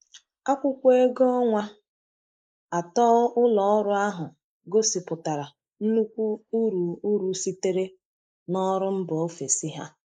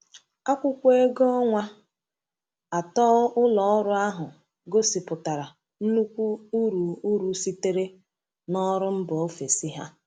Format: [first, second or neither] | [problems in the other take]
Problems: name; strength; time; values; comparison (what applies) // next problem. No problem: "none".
second | noise reduction (neural mask model Resemble Enhance denoiser)